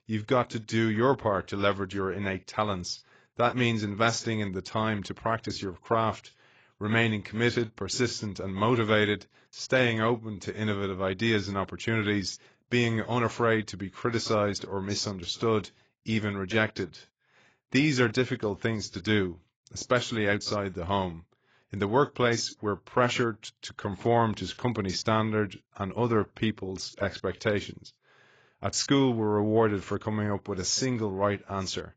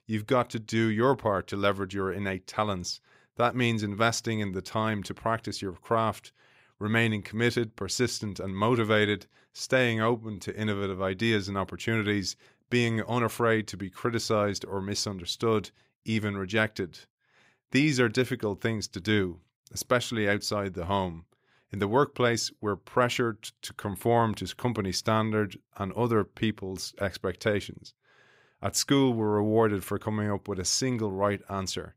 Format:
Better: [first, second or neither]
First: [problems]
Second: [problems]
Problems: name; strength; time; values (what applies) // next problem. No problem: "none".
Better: second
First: garbled, watery; badly; nothing above 7.5 kHz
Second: none